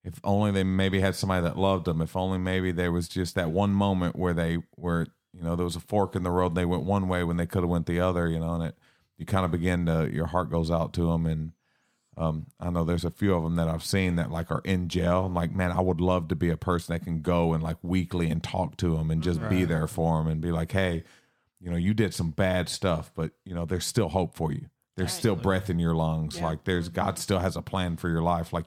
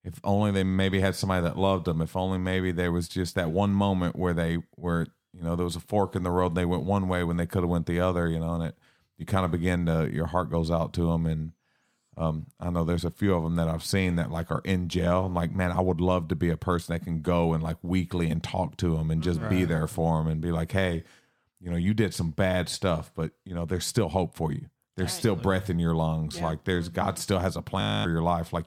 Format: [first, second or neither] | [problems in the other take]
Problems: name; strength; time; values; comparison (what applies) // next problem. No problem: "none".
first | audio freezing; at 28 s